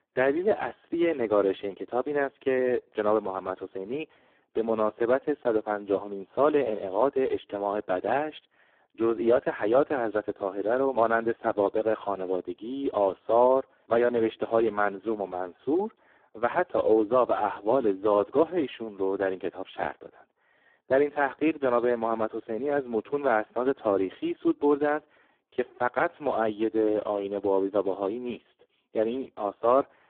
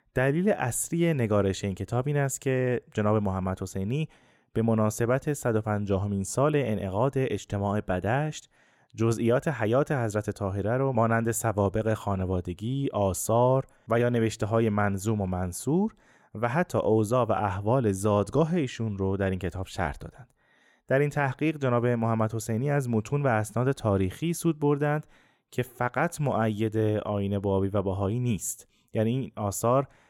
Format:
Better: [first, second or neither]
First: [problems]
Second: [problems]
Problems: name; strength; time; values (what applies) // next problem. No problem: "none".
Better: second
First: phone-call audio; poor line; nothing above 3.5 kHz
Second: none